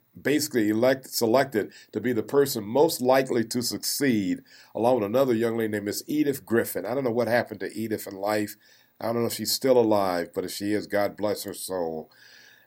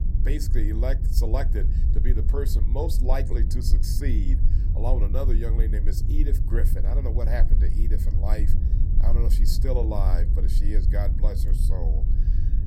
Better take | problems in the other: first | low rumble; loud; throughout; 7 dB below the speech

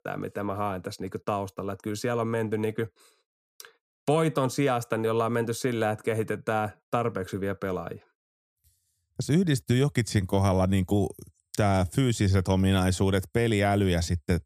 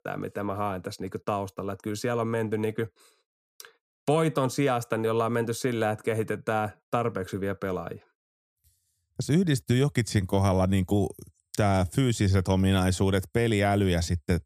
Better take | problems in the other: neither | none

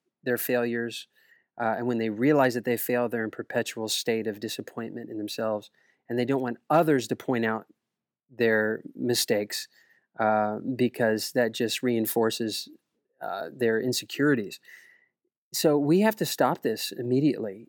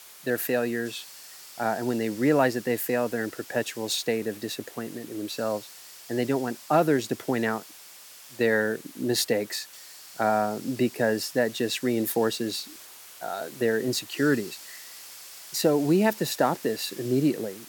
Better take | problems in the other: first | hiss; noticeable; throughout; 15 dB below the speech

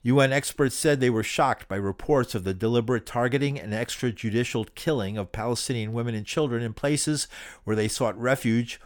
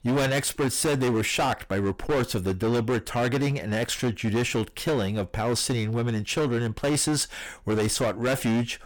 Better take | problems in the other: first | distortion; heavy; 20% of the sound clipped

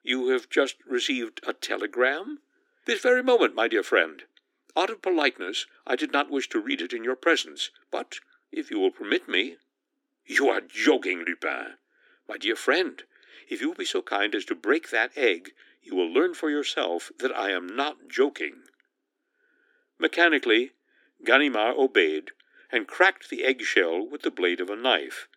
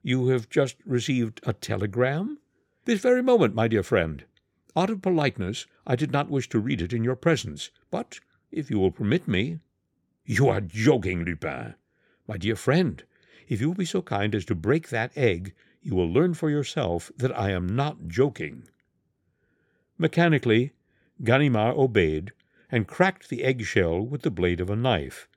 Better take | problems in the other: second | thin; somewhat; fading below 250 Hz

